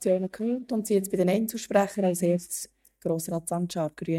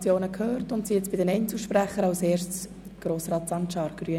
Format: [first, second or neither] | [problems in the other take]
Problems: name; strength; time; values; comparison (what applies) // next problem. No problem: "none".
second | noise reduction (neural mask model DeepFilterNet 3)